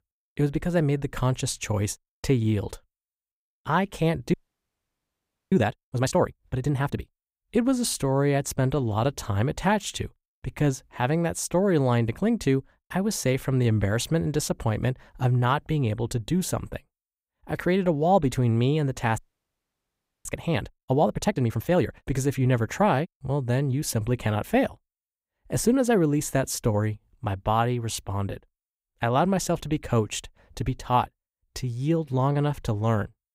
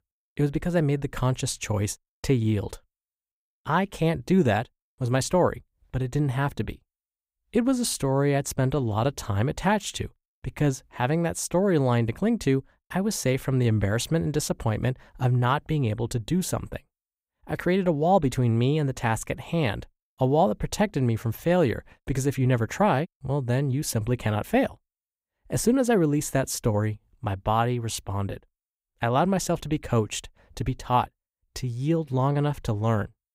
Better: second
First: audio freezing; at 4.5 s for 1 s and at 19 s for 1 s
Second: none

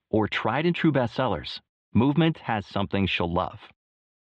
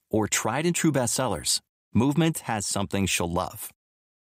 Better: second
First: muffled; very; fading above 3.5 kHz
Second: none

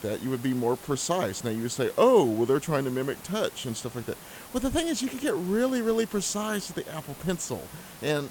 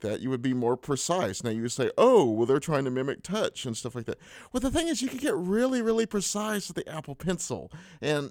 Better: second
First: hiss; noticeable; throughout; 15 dB below the speech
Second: none

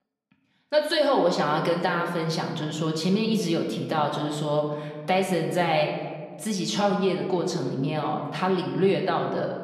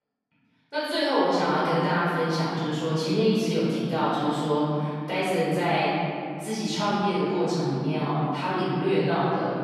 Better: first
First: room echo; slight; dies away in 1.6 s // off-mic speech; somewhat distant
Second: room echo; strong; dies away in 2.8 s // off-mic speech; far

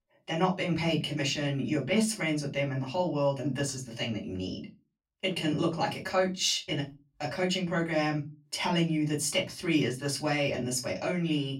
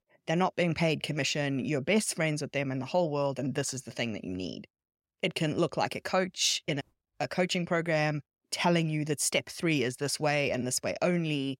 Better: second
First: off-mic speech; far // room echo; very slight; dies away in 0.2 s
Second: none

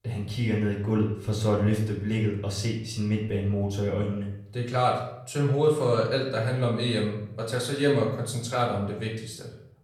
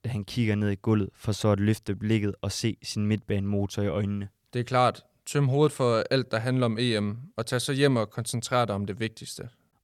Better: second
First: off-mic speech; far // room echo; slight; dies away in 0.6 s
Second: none

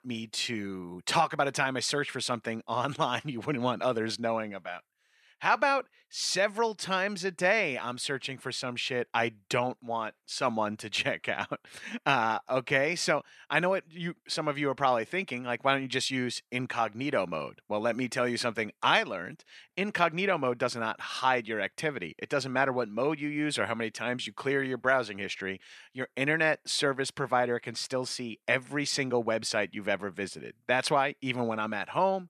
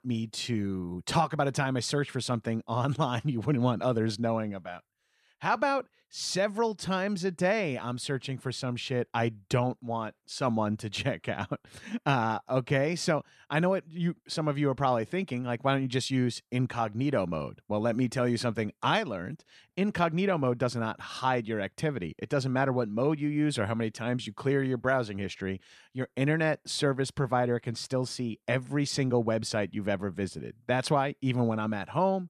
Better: second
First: thin; very slightly; fading below 1 kHz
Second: none

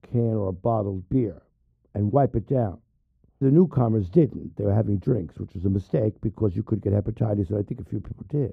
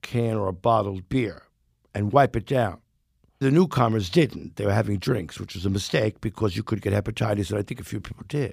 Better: second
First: muffled; very; fading above 1 kHz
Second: none

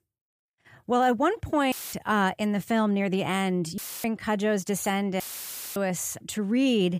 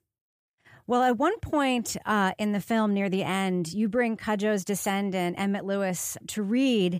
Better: second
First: audio cutting out; filled with static; at 1.5 s, at 4 s and at 5 s for 0.5 s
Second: none

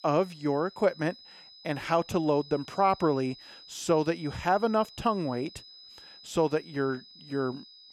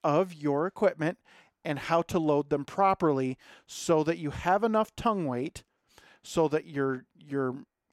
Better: second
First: high-pitched whine; noticeable; throughout; 5 kHz, 20 dB below the speech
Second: none

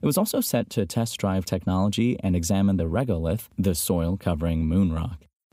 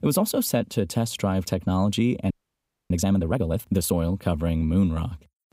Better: first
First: none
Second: audio freezing; at 2.5 s for 0.5 s

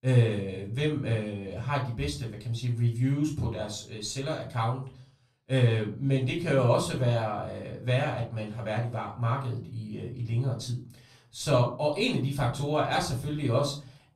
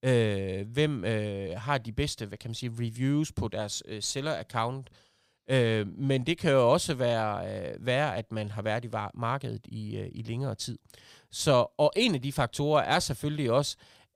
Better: second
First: off-mic speech; far // room echo; slight; dies away in 0.4 s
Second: none

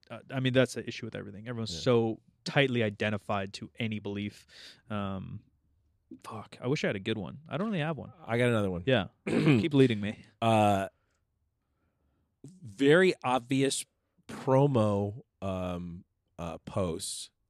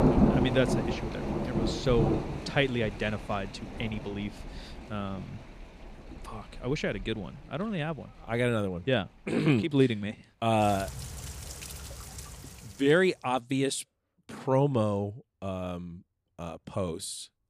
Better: first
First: none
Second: rain or running water; loud; until 13 s; 3 dB below the speech

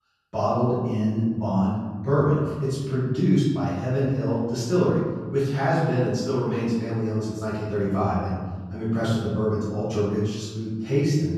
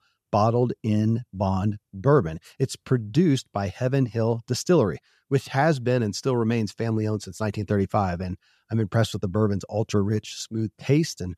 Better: second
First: off-mic speech; far // room echo; strong; dies away in 1.3 s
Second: none

